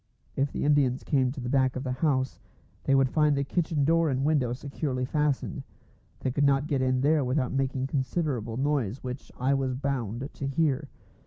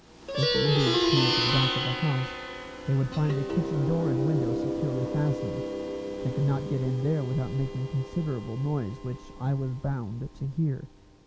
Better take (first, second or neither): first